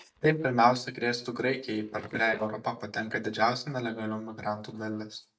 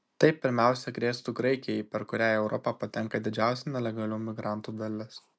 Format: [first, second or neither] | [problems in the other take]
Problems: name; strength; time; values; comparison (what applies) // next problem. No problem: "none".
second | noise reduction (neural mask model DeepFilterNet 3)